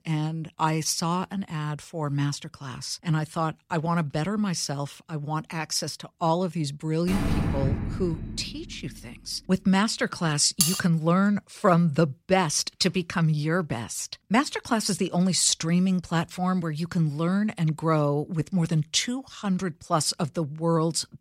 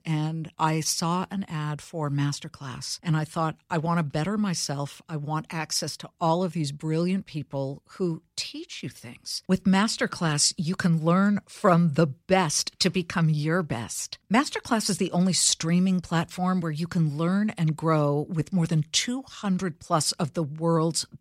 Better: second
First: door banging; noticeable; from 7 to 8.5 s; peak 1 dB below the speech // clattering dishes; loud; at 11 s; peak 2 dB above the speech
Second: none

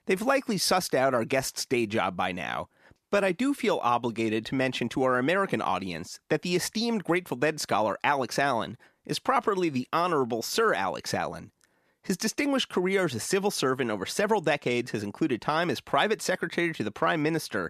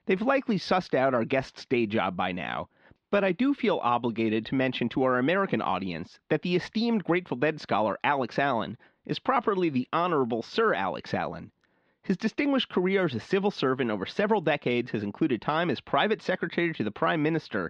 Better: first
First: none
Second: muffled; slightly; fading above 3.5 kHz

